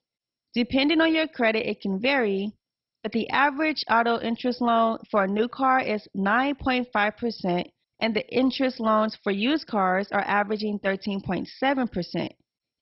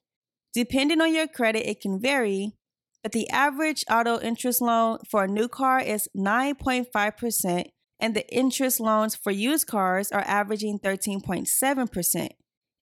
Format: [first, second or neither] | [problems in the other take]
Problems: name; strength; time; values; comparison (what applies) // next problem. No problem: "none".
second | garbled, watery; badly; nothing above 5.5 kHz